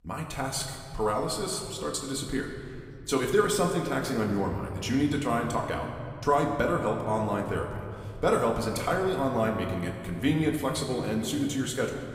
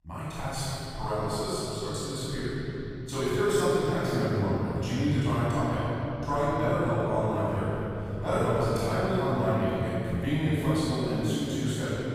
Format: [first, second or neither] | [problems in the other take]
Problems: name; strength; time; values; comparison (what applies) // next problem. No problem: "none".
first | room echo; strong; dies away in 3 s; slight in the first // off-mic speech; far; somewhat distant in the first